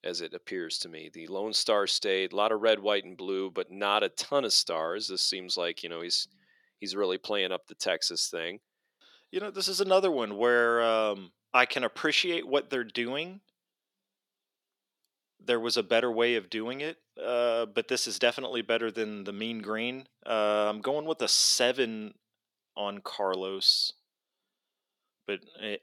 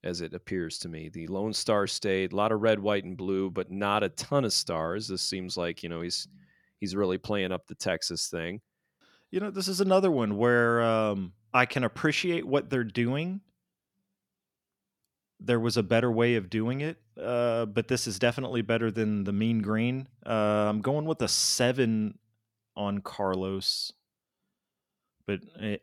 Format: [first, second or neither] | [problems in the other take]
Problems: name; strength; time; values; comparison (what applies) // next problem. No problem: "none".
second | thin; somewhat; fading below 400 Hz